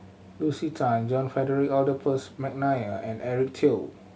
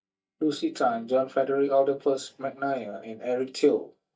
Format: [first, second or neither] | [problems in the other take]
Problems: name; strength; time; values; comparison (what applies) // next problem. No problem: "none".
first | noise reduction (neural mask model DeepFilterNet 3)